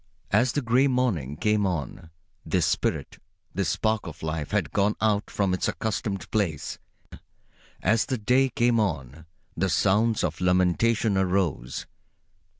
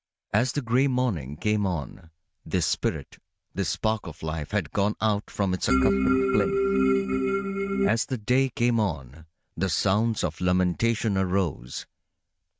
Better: first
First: none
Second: noise reduction (neural mask model RNNoise)

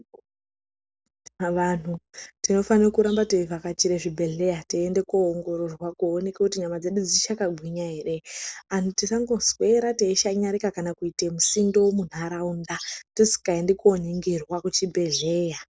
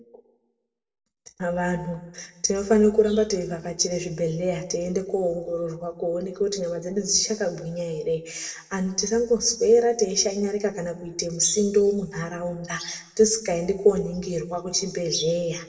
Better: first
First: none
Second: room echo; dies away in 0.8 s

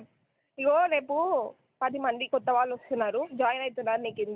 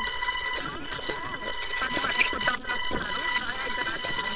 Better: first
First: none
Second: noise reduction (neural separator model SepFormer WHAM!)

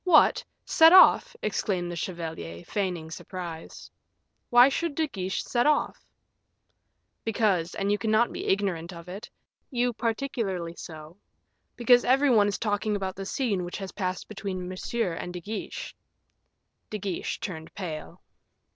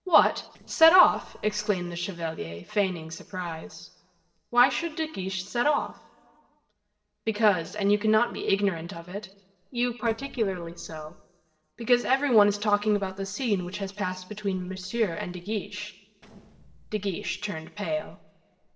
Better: first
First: none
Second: noise reduction (neural separator model SepFormer DNS4)

